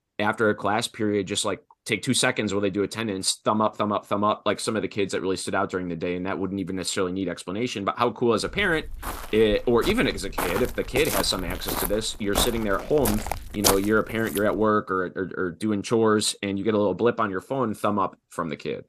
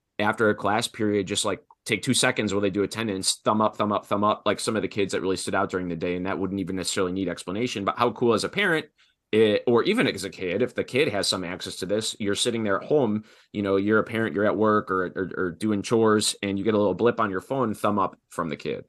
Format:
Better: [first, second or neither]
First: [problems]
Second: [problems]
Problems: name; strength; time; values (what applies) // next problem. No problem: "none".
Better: second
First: footsteps; loud; from 8.5 to 14 s; peak 2 dB above the speech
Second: none